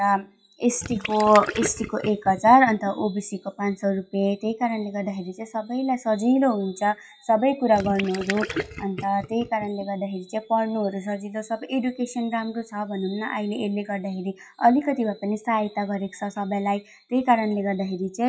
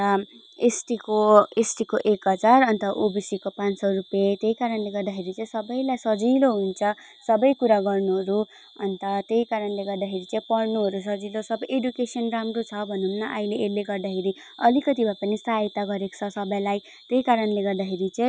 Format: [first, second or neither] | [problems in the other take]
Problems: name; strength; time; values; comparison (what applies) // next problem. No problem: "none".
second | noise reduction (classical method WPE with log-MMSE)